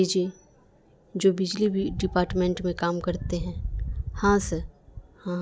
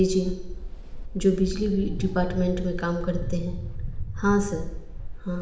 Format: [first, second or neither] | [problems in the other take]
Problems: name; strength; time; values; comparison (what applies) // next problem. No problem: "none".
first | background sound (Mechanical fan); 5 dB below the speech // room echo; dies away in 0.8 s